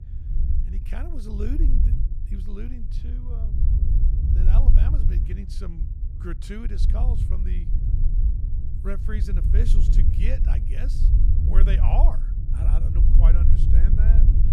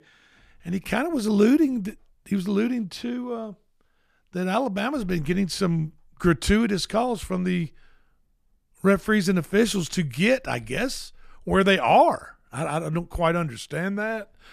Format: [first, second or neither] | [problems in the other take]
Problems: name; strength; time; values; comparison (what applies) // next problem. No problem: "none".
second | low rumble; loud; throughout; 2 dB below the speech